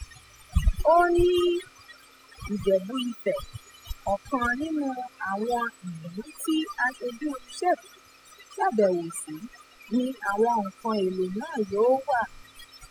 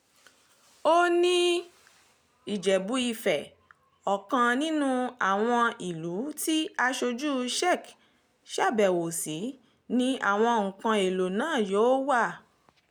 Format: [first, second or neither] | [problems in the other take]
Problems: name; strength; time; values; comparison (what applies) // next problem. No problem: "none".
second | noise reduction (classical method spectral subtraction)